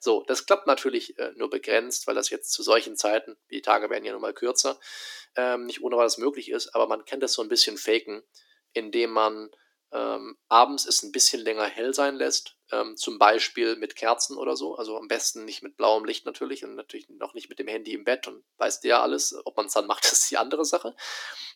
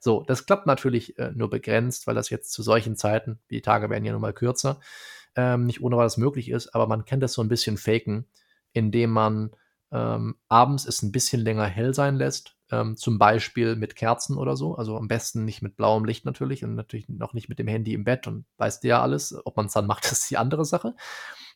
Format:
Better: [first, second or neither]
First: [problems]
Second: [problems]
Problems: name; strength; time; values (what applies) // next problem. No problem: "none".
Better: second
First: thin; somewhat; fading below 300 Hz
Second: none